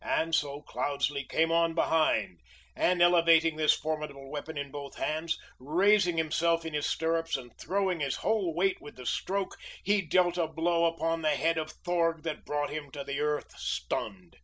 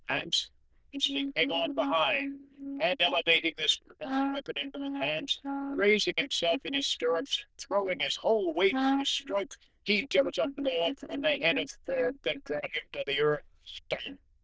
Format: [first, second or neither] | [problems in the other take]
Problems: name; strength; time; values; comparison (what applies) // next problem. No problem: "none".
first | noise reduction (neural diffusion model UNIVERSE++)